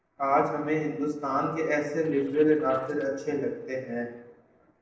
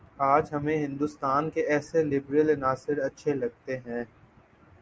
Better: second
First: noise reduction (neural separator model SepFormer DNS4)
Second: none

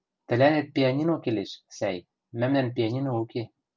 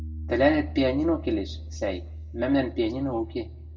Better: first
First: none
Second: background sound (Piano); 10 dB below the speech // room echo; dies away in 1.2 s

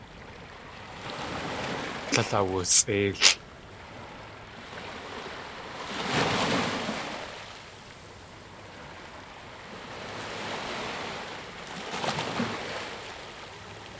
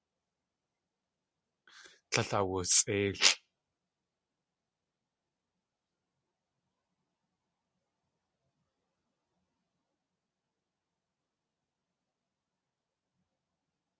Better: second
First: background sound (Waves, surf); 1 dB below the speech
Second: none

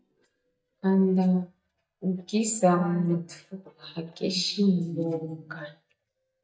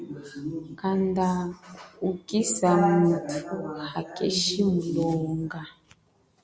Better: second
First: noise reduction (neural mask model DeepFilterNet 3)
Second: none

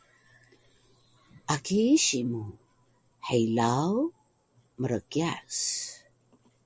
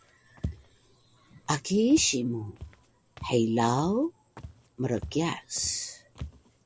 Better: first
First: none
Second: background sound (Walk, footsteps); 16 dB below the speech

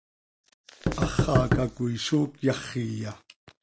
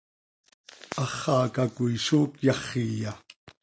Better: second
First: background sound (Knock); 1 dB above the speech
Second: none

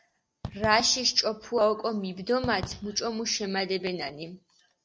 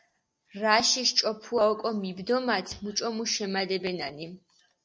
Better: second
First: background sound (Fireworks); 16 dB below the speech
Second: none

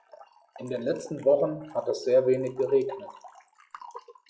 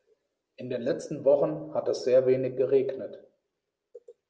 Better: second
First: noise reduction (classical method log-MMSE)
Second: none

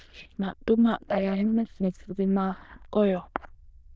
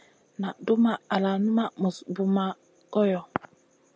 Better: second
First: noise reduction (neural diffusion model UNIVERSE++)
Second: none

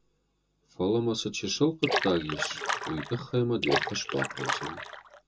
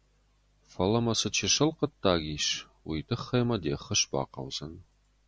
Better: second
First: background sound (Splash, splatter); 2 dB below the speech // room echo; dies away in 0.2 s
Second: none

